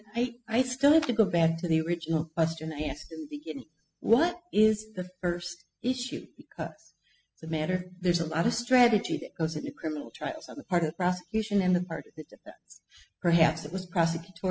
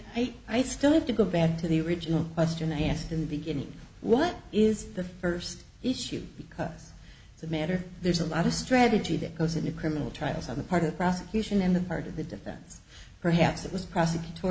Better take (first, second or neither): second